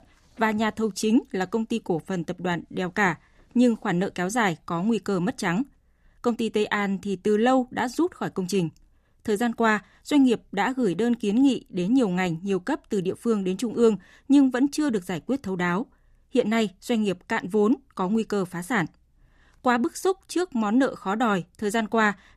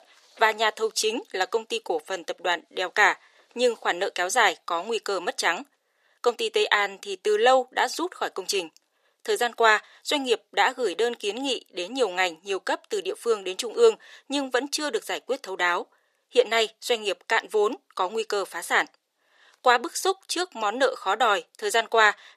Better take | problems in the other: first | thin; very; fading below 500 Hz

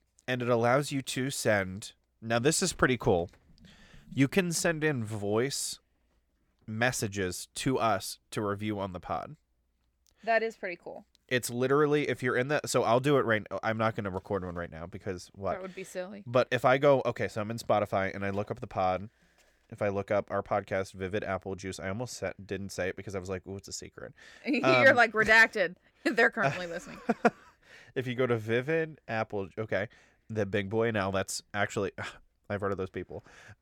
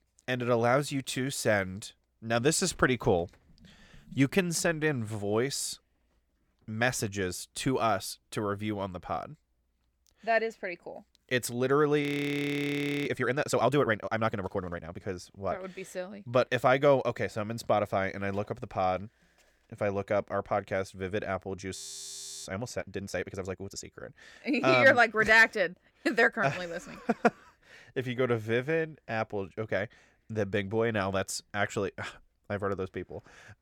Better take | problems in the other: first | audio freezing; at 12 s for 1 s and at 22 s for 0.5 s

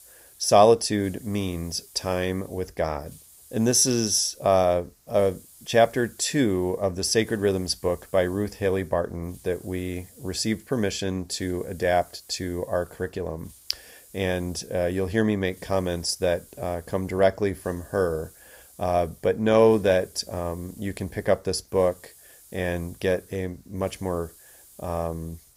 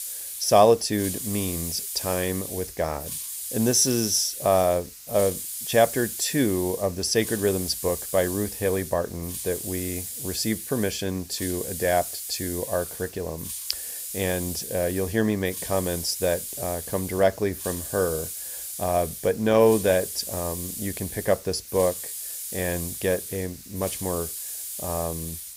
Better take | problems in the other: first | hiss; loud; throughout; 7 dB below the speech; faint in the first

